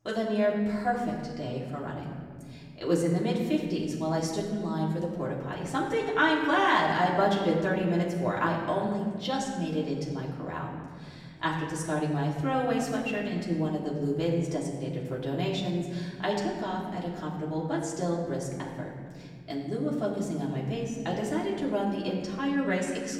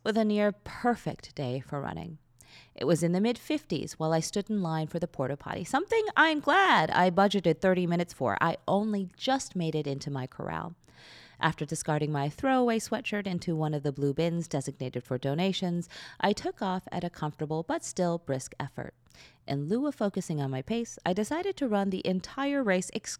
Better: second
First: off-mic speech; far // room echo; noticeable; dies away in 1.8 s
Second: none

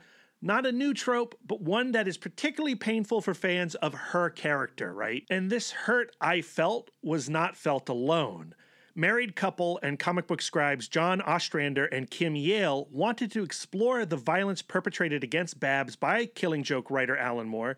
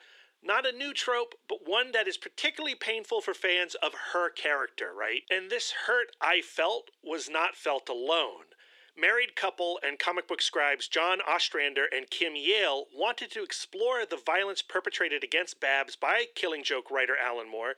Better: first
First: none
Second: thin; very; fading below 350 Hz

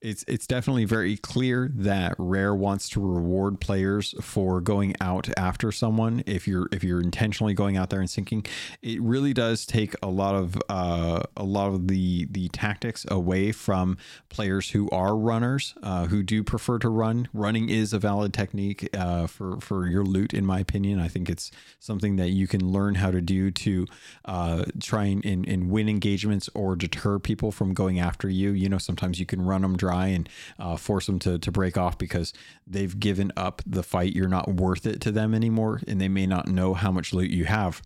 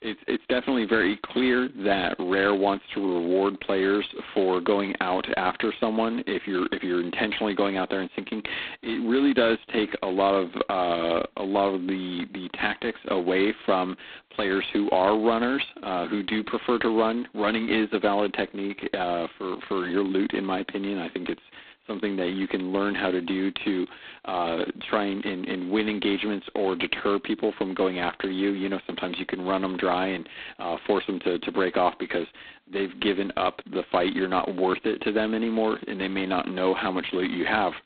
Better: first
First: none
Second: phone-call audio; poor line; nothing above 4 kHz

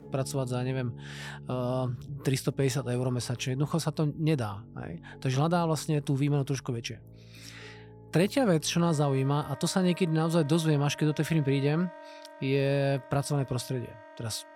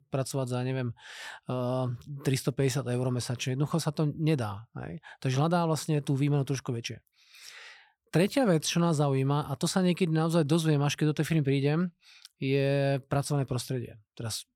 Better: second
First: background music; noticeable; throughout; 20 dB below the speech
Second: none

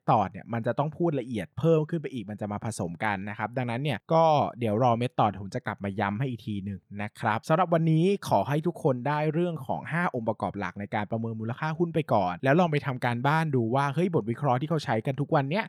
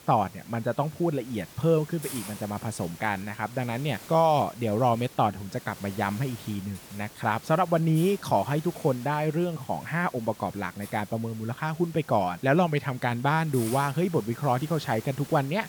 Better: first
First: none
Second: hiss; noticeable; throughout; 15 dB below the speech

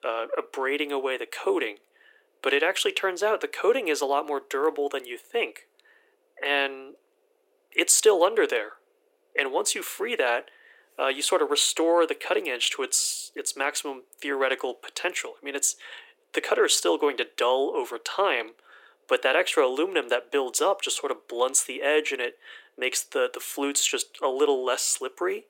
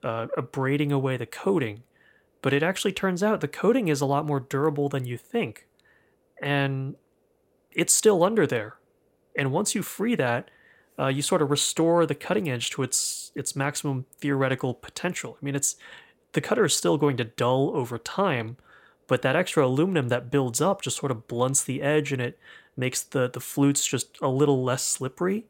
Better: second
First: thin; very; fading below 350 Hz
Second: none

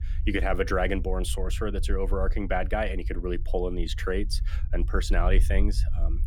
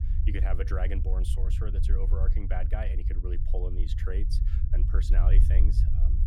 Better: first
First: low rumble; faint; throughout; 20 dB below the speech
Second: low rumble; loud; throughout; 5 dB below the speech

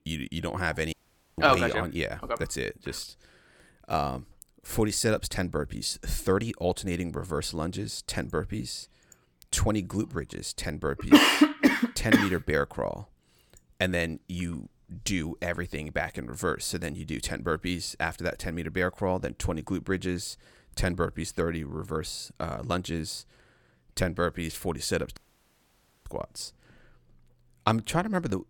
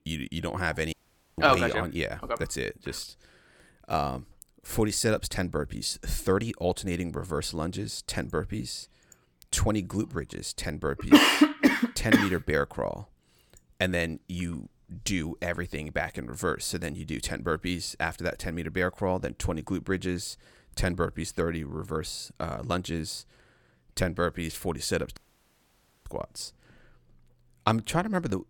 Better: neither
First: audio cutting out; at 1 s and at 25 s for 1 s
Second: audio cutting out; at 1 s and at 25 s for 1 s

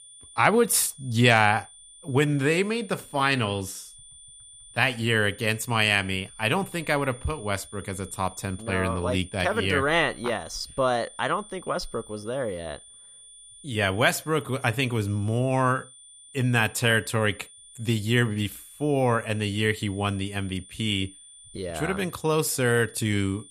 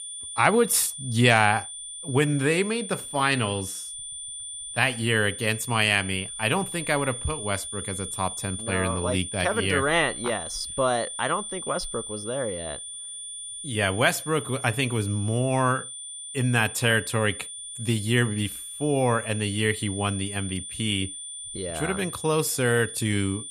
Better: first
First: high-pitched whine; faint; throughout; 9 kHz, 20 dB below the speech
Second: high-pitched whine; loud; throughout; 9 kHz, 9 dB below the speech

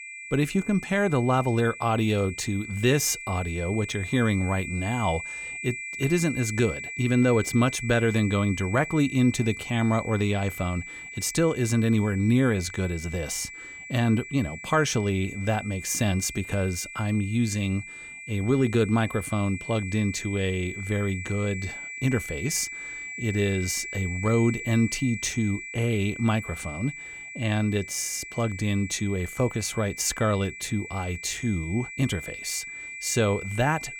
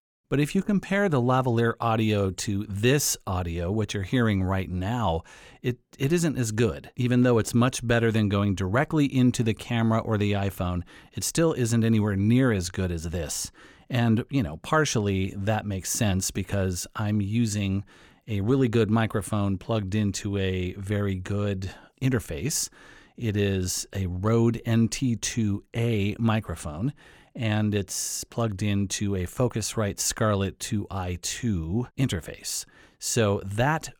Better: second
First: high-pitched whine; loud; throughout; 2.5 kHz, 10 dB below the speech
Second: none

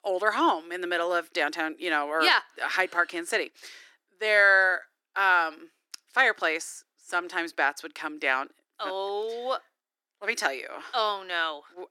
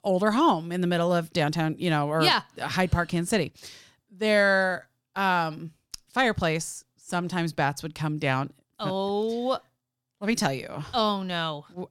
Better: second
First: thin; very; fading below 300 Hz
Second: none

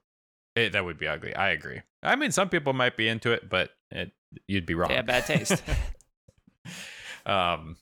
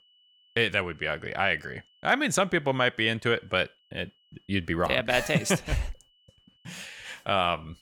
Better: first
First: none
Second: high-pitched whine; faint; throughout; 3 kHz, 35 dB below the speech

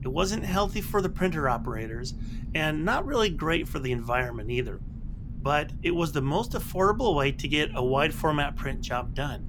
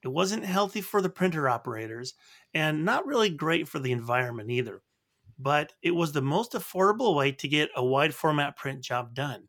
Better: second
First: low rumble; faint; throughout; 20 dB below the speech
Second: none

